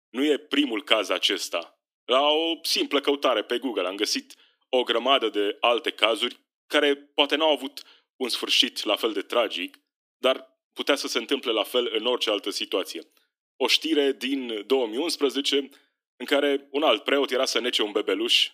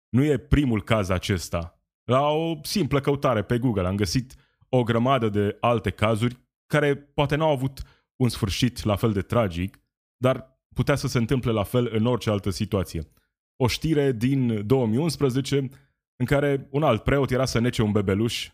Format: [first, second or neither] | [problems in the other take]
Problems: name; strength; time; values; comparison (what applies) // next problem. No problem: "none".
second | thin; somewhat; fading below 300 Hz